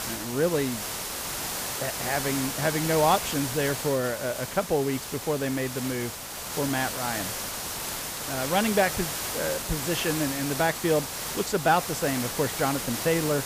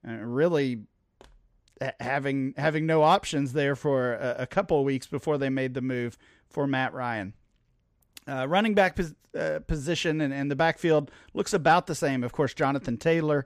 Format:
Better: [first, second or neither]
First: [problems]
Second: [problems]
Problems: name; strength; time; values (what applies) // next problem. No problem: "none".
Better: second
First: hiss; loud; throughout; 3 dB below the speech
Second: none